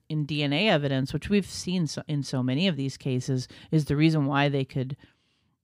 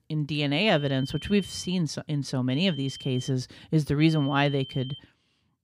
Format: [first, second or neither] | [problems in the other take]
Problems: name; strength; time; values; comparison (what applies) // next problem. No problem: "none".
first | high-pitched whine; noticeable; from 0.5 to 2 s, at 2.5 s and at 4 s; 3 kHz, 15 dB below the speech